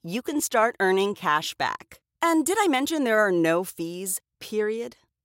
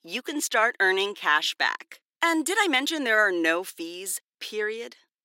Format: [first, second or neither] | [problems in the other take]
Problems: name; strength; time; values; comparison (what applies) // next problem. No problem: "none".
first | thin; very slightly; fading below 300 Hz